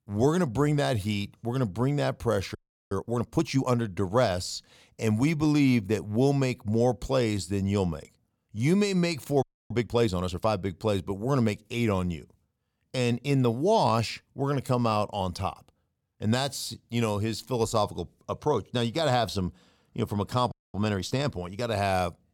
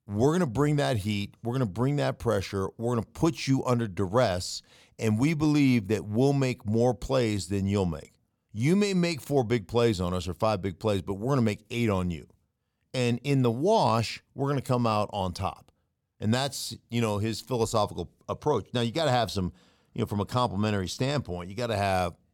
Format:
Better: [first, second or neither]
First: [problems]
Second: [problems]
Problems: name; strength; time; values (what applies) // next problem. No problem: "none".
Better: second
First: audio freezing; at 2.5 s, at 9.5 s and at 21 s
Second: none